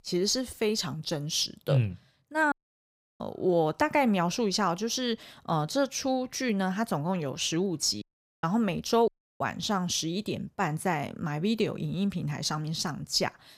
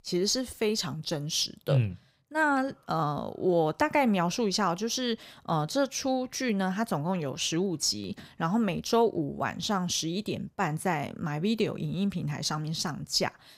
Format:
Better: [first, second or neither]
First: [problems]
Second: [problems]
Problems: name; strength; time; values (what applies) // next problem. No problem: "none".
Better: second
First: audio cutting out; at 2.5 s for 0.5 s, at 8 s and at 9 s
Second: none